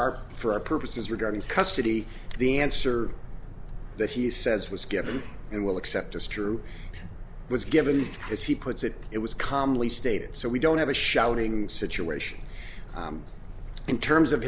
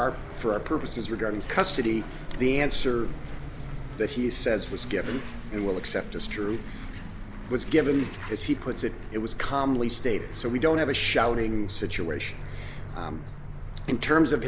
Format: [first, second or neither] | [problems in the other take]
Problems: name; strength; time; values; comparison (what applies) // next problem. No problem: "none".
first | background sound (Aircraft); 14 dB below the speech